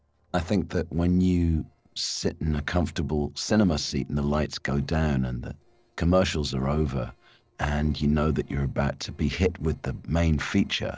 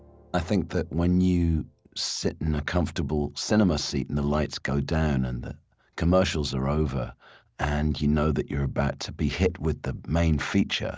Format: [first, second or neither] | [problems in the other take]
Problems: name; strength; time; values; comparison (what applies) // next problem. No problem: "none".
second | noise reduction (neural separator model SepFormer DNS4)